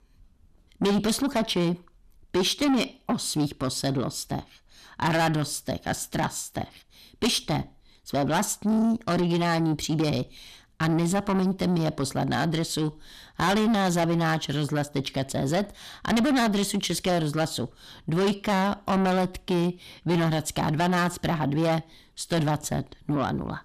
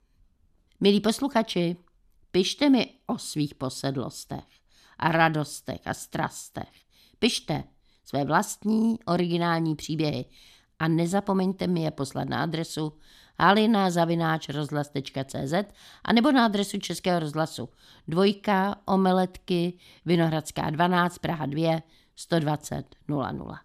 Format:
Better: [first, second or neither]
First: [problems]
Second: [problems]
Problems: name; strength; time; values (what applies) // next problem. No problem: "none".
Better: second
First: distortion; heavy; 6 dB below the speech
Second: none